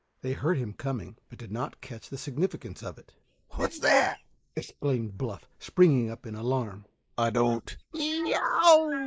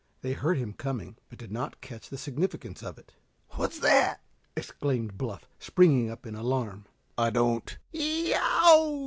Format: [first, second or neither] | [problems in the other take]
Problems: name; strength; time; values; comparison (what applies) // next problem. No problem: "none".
second | noise reduction (neural mask model Resemble Enhance denoiser)